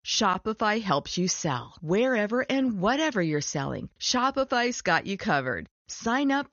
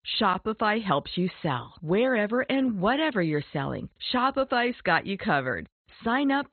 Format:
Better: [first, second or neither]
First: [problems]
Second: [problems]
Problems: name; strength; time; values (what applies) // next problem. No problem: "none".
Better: first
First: garbled, watery; slightly; nothing above 6.5 kHz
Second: garbled, watery; badly; nothing above 4 kHz